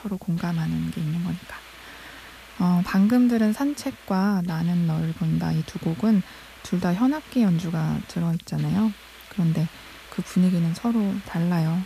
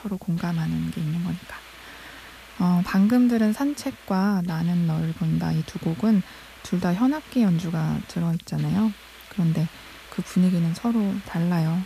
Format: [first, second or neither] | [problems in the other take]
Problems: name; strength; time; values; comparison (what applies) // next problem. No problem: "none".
neither | hiss; noticeable; throughout; 20 dB below the speech; the same in both